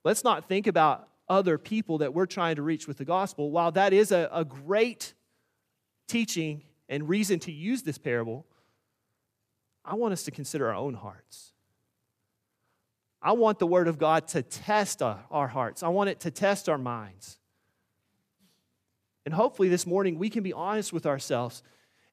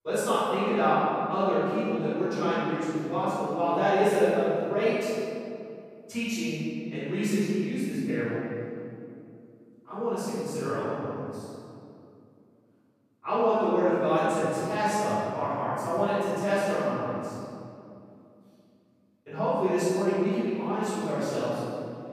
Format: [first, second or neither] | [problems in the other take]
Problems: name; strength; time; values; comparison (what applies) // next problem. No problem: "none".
first | off-mic speech; far // room echo; strong; dies away in 2.4 s